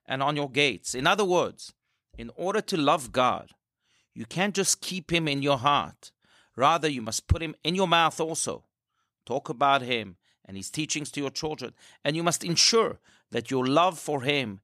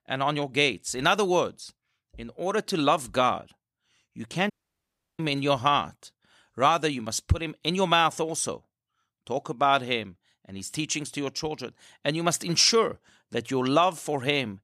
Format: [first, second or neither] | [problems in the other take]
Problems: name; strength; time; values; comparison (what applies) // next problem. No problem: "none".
first | audio cutting out; at 4.5 s for 0.5 s